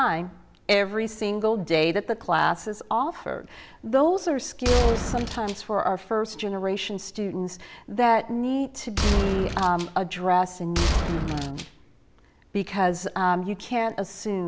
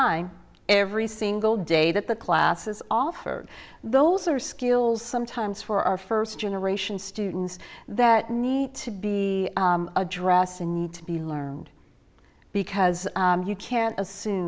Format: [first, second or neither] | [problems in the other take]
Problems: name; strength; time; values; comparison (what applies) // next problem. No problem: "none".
second | background sound (Gunshot, gunfire); 1 dB below the speech